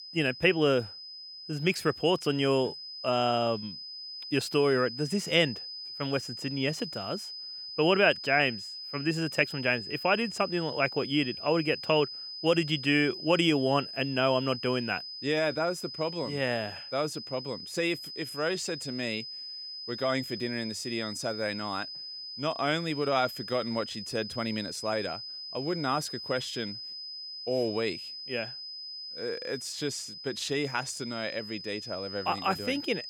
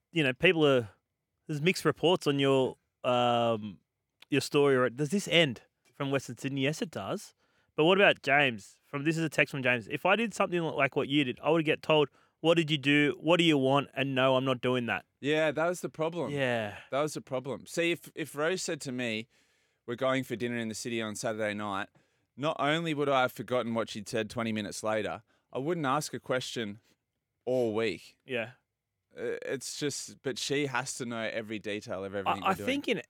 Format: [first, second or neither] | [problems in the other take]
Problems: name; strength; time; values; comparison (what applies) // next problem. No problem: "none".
second | high-pitched whine; loud; throughout; 5 kHz, 9 dB below the speech